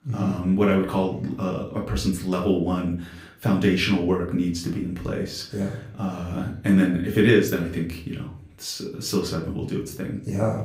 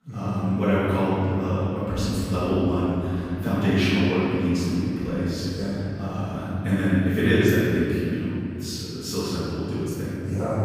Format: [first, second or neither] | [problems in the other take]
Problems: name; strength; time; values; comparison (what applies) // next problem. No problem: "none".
first | room echo; strong; dies away in 3 s; slight in the first // off-mic speech; far; far in the first